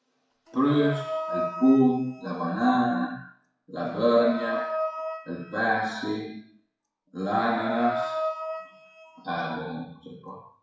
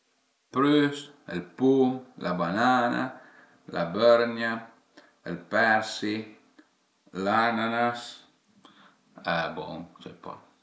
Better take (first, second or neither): second